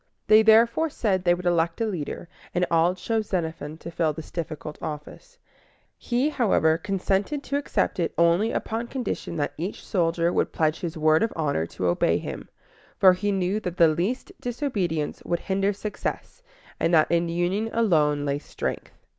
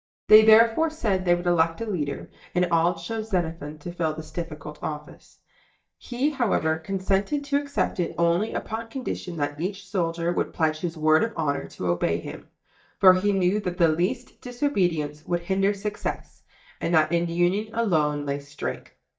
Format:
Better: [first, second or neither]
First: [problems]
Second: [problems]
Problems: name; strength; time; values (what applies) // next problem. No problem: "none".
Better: first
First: none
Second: noise reduction (neural mask model DeepFilterNet 3)